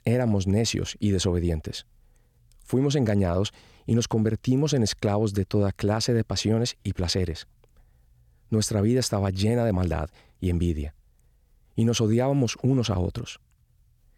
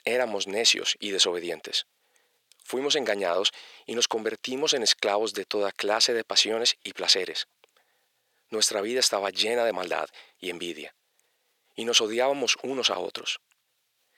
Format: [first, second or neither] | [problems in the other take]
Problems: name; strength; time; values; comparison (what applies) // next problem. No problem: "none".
first | thin; very; fading below 450 Hz